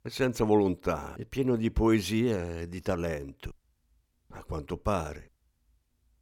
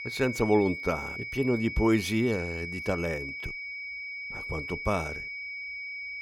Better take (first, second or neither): first